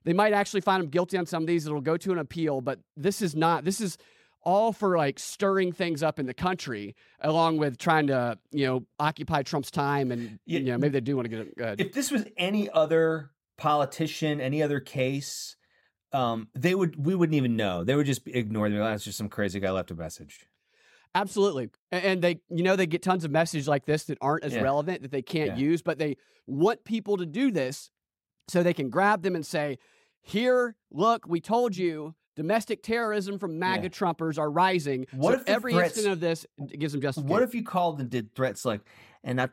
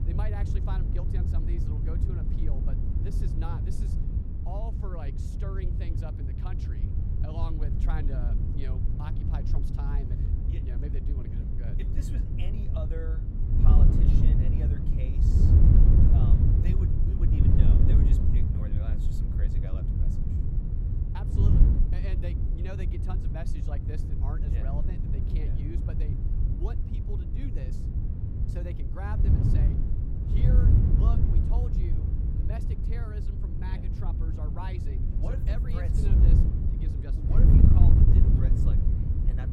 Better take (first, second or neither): first